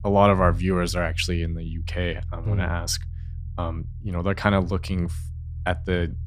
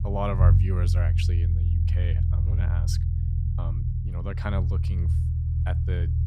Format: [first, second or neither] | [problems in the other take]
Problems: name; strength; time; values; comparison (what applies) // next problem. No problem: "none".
first | low rumble; loud; throughout; 3 dB below the speech; faint in the first